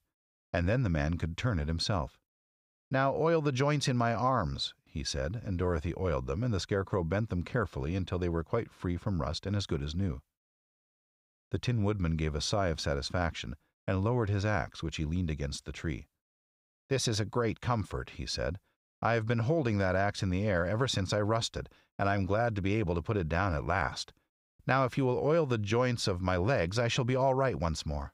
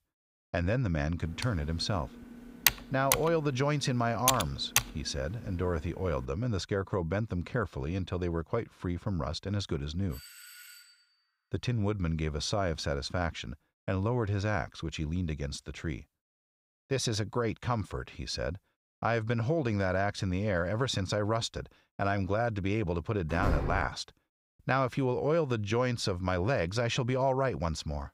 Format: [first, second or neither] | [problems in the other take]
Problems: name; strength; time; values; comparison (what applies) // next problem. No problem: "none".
first | keyboard typing; loud; from 1.5 to 5 s; peak 5 dB above the speech // doorbell; faint; at 10 s; peak 15 dB below the speech // door banging; noticeable; at 23 s; peak 1 dB below the speech